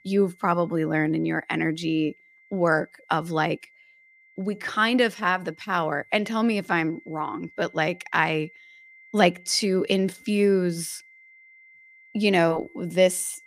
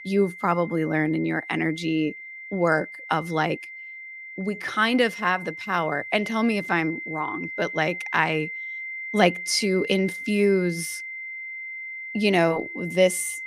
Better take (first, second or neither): first